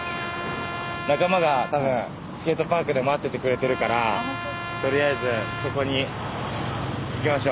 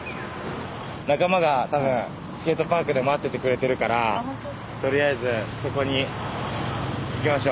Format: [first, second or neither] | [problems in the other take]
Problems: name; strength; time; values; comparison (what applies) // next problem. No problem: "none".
second | background sound (Trumpet); 10 dB below the speech